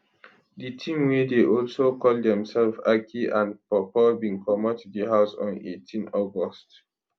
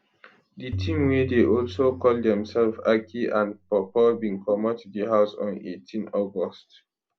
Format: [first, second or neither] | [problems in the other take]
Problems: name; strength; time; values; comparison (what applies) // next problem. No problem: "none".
first | background sound (Tabla); 11 dB below the speech